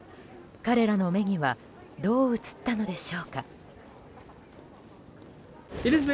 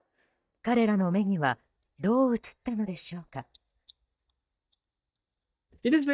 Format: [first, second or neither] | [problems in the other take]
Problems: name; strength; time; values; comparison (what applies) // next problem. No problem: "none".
first | noise reduction (neural mask model DeepFilterNet 3)